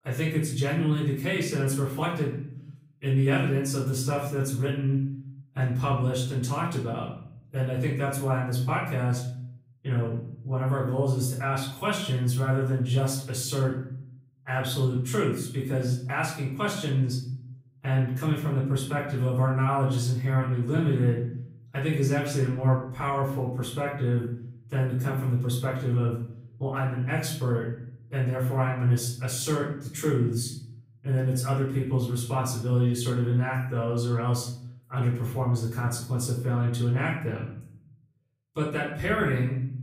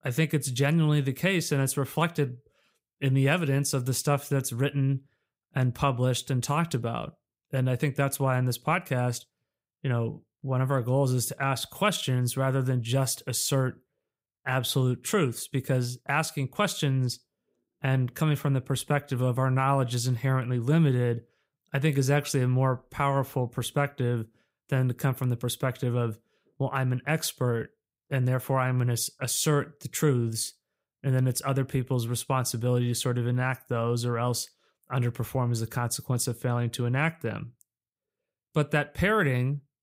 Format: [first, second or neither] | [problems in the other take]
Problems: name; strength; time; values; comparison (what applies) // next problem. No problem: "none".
second | off-mic speech; far // room echo; noticeable; dies away in 0.6 s